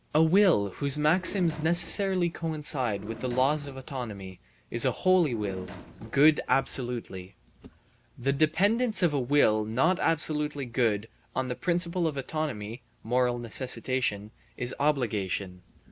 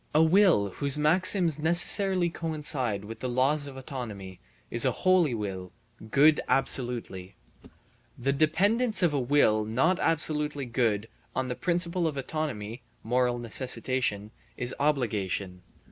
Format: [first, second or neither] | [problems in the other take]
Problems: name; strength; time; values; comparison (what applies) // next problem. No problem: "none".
second | background sound (Drawer open or close); 15 dB below the speech